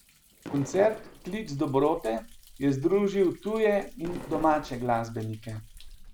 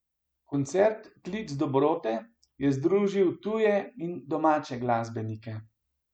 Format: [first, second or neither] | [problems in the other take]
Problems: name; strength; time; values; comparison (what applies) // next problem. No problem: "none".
second | background sound (Thunder + Fireworks); 16 dB below the speech